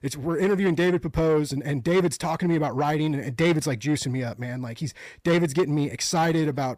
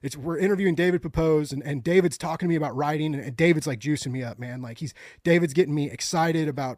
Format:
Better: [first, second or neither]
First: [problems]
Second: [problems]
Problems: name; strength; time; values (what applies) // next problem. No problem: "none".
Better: second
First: distortion; slight; 10 dB below the speech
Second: none